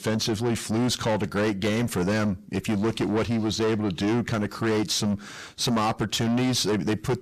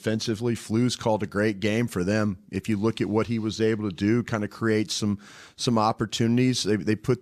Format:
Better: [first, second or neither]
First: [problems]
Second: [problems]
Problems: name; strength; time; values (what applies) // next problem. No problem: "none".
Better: second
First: distortion; heavy; 7 dB below the speech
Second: none